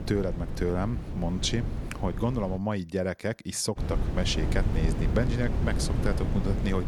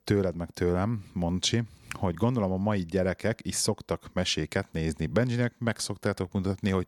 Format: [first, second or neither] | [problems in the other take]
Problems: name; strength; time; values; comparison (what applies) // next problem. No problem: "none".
second | wind noise on the microphone; heavy; until 2.5 s and from 4 s on; 7 dB below the speech